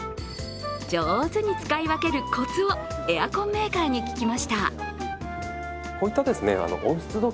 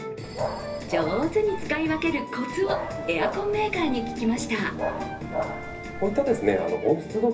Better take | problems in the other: first | background sound (Dog); 7 dB below the speech // room echo; dies away in 0.3 s

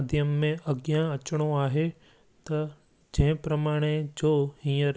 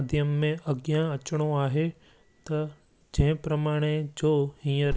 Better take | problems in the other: first | background sound (Alarm); 16 dB below the speech

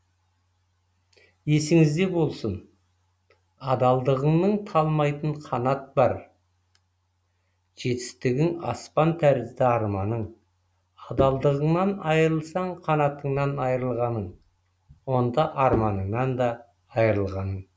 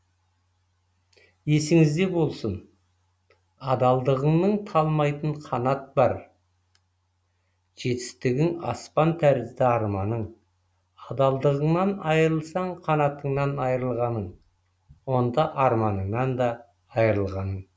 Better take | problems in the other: second | background sound (Bowed string instrument); 12 dB below the speech

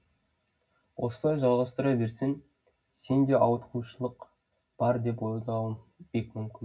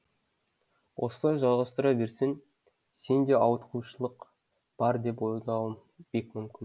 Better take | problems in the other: second | room echo; dies away in 0.4 s

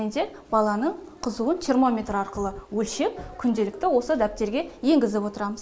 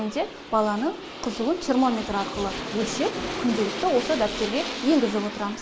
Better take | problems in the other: first | background sound (Aircraft); 8 dB below the speech

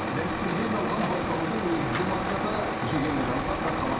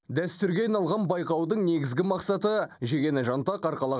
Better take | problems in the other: second | background sound (Truck); 1 dB above the speech // room echo; dies away in 2.1 s

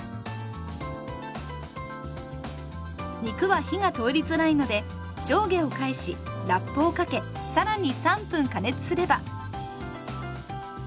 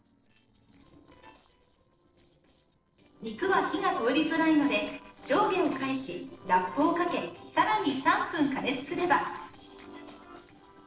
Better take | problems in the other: first | noise reduction (neural separator model SepFormer DNS4)

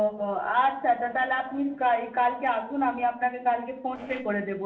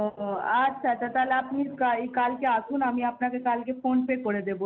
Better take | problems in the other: second | noise reduction (neural separator model SepFormer DNS4)

